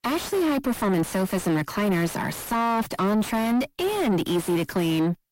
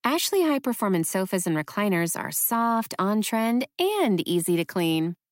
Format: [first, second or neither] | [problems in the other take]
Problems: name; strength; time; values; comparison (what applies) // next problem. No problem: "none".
second | distortion; heavy; 6 dB below the speech